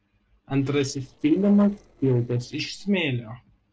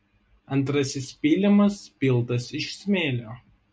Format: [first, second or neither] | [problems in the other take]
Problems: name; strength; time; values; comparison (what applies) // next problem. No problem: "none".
second | noise reduction (neural separator model SepFormer DNS4)